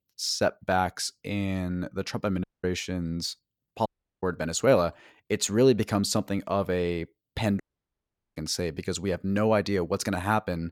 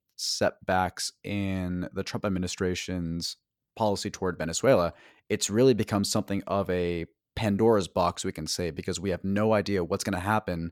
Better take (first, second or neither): second